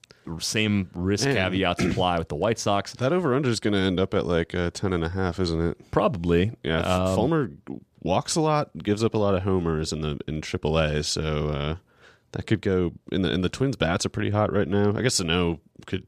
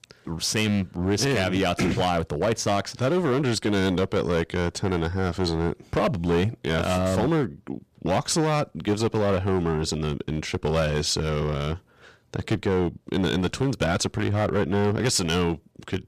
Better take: first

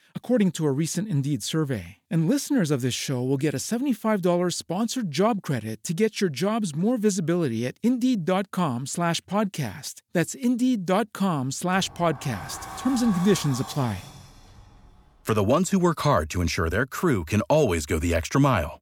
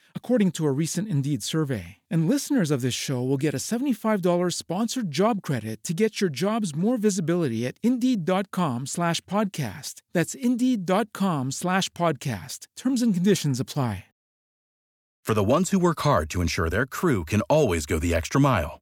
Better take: second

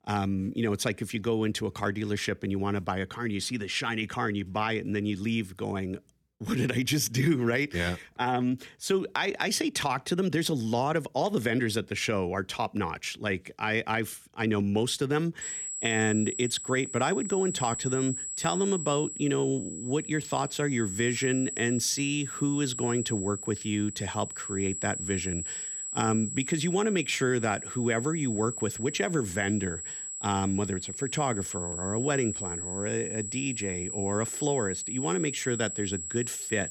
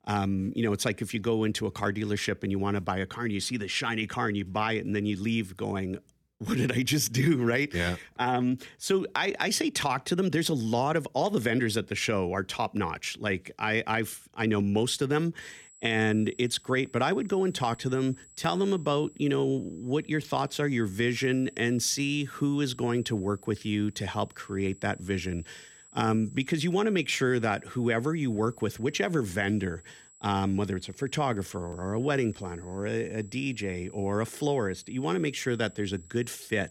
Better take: second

